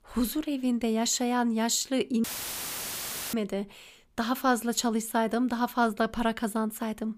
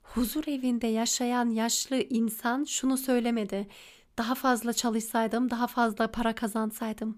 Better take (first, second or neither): second